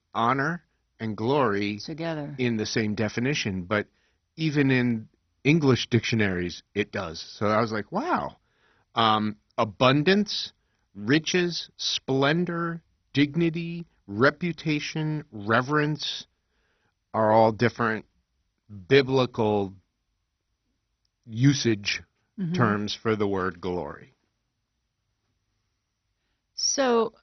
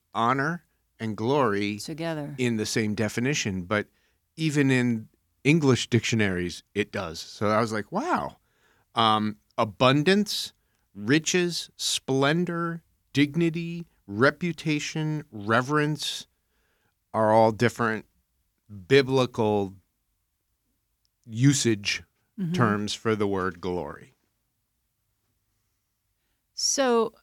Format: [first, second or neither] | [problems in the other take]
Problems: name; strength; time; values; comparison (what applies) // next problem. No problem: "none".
second | garbled, watery; badly; nothing above 6 kHz